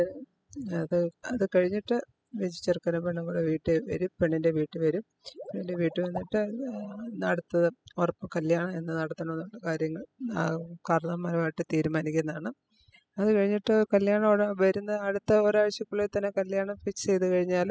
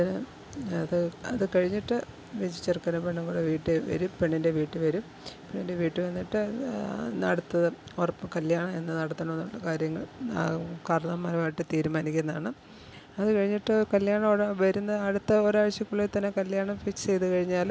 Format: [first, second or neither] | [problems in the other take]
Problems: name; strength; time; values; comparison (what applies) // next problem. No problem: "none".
second | noise reduction (classical method spectral subtraction)